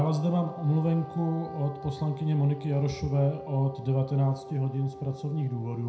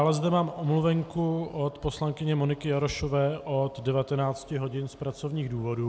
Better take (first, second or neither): second